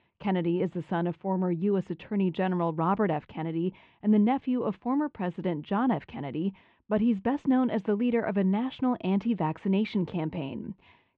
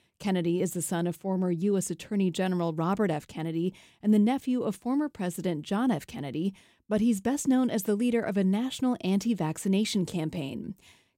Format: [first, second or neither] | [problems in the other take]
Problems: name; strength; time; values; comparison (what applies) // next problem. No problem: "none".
second | muffled; very; fading above 3 kHz